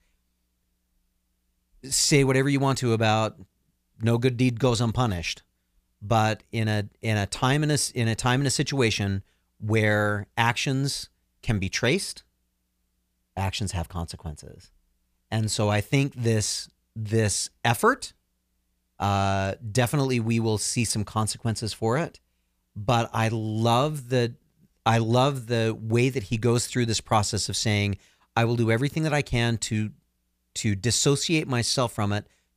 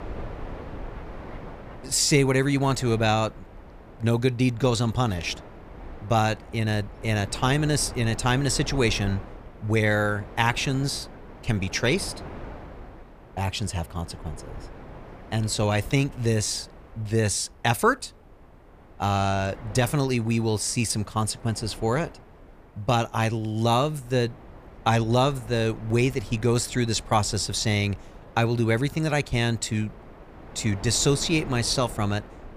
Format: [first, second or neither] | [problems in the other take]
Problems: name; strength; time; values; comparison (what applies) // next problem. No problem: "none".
first | wind noise on the microphone; occasional gusts; 20 dB below the speech